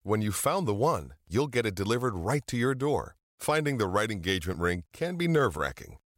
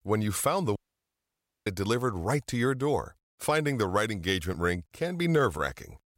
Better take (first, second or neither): first